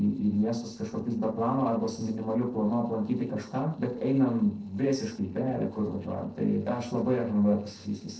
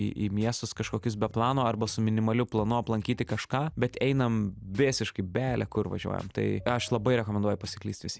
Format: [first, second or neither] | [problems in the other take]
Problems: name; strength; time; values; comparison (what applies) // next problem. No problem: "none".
second | noise reduction (neural separator model SepFormer DNS4)